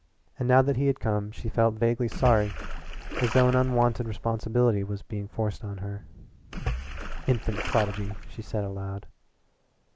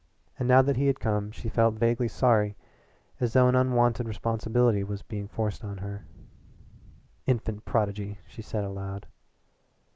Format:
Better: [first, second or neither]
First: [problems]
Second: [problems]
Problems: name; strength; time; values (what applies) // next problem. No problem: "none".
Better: second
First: background sound (Splash, splatter); 6 dB below the speech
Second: none